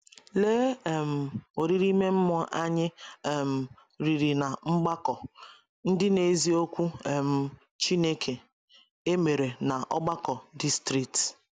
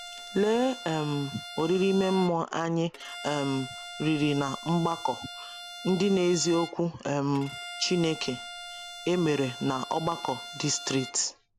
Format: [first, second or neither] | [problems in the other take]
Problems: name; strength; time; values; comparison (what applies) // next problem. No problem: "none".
first | background sound (Bowed string instrument); 13 dB below the speech